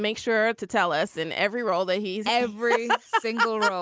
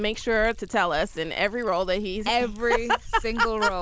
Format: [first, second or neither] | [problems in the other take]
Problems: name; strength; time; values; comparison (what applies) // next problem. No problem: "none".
first | background sound (Liquid); 12 dB below the speech